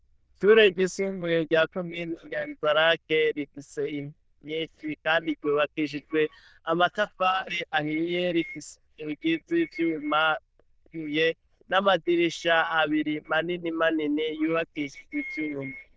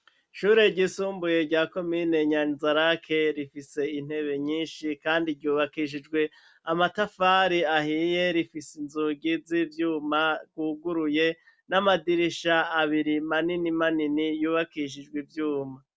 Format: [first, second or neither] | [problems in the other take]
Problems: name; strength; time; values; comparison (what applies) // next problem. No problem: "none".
second | noise reduction (neural diffusion model UNIVERSE++)